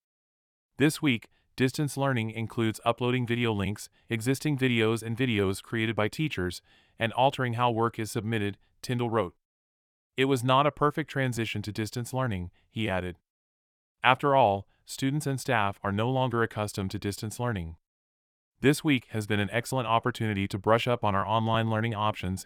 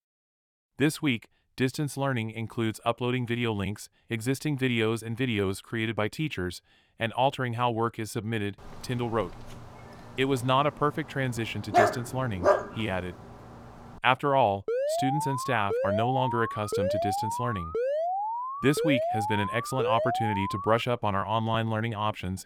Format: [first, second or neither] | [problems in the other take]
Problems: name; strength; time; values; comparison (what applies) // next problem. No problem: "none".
first | dog barking; loud; at 12 s; peak 5 dB above the speech // alarm; loud; from 15 to 21 s; peak 1 dB above the speech